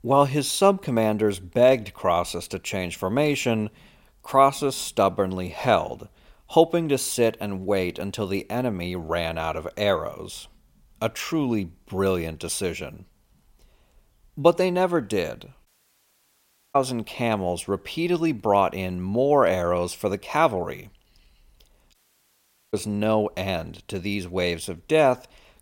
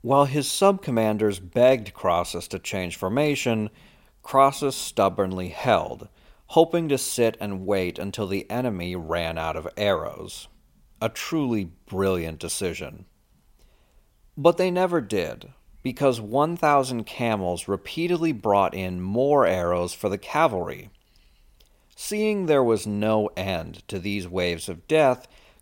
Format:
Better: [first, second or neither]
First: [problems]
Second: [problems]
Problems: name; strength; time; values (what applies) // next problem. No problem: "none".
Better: second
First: audio cutting out; at 16 s for 1 s and at 22 s for 1 s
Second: none